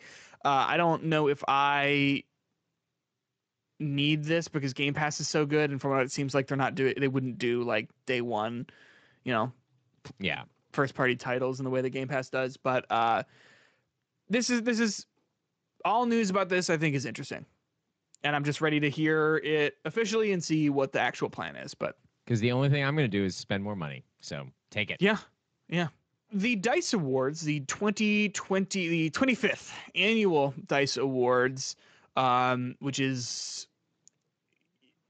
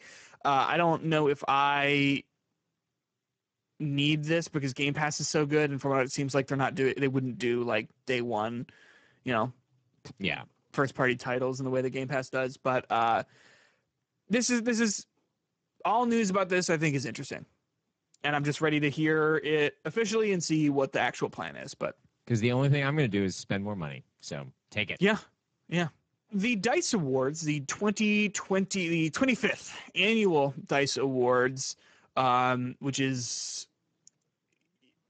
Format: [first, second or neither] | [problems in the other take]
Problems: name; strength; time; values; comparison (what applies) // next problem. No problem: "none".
first | garbled, watery; badly; nothing above 7.5 kHz; slightly in the first